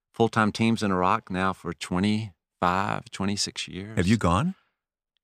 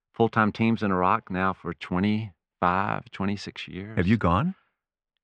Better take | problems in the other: first | muffled; slightly; fading above 2.5 kHz

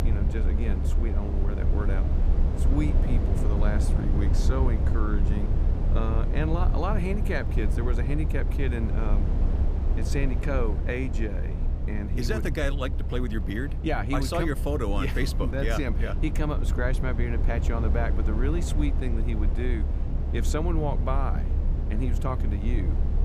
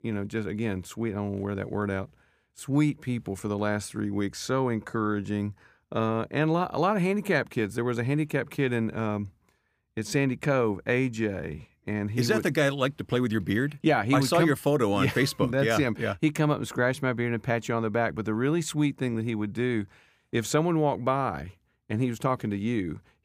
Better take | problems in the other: second | low rumble; loud; throughout; 7 dB below the speech

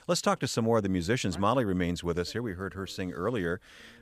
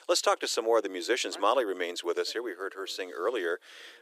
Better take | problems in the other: first | thin; very; fading below 350 Hz

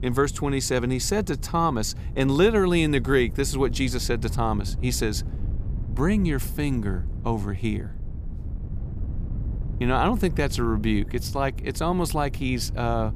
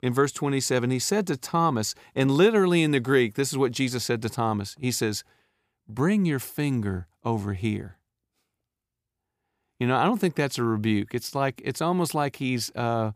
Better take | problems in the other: second | wind noise on the microphone; occasional gusts; 20 dB below the speech

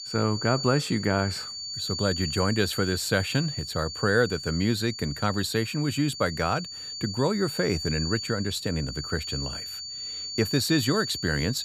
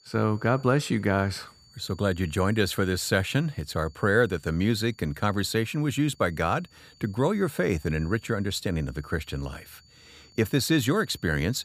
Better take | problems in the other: second | high-pitched whine; loud; throughout; 4.5 kHz, 6 dB below the speech; faint in the second

